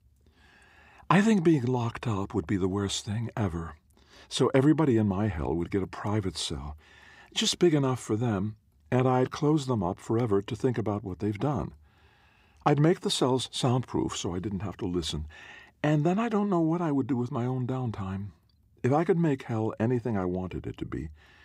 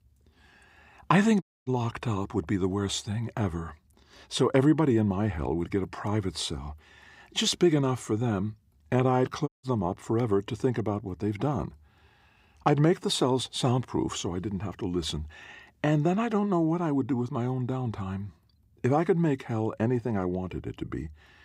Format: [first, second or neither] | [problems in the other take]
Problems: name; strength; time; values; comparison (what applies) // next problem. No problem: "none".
first | audio cutting out; at 1.5 s and at 9.5 s